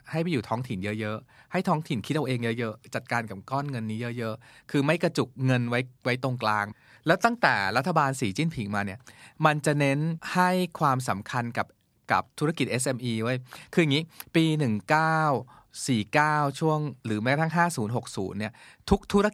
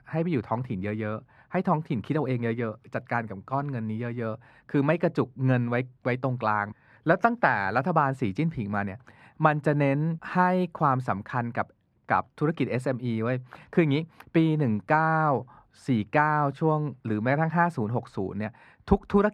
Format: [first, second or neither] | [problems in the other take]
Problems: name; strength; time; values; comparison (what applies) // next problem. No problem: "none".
first | muffled; very; fading above 3.5 kHz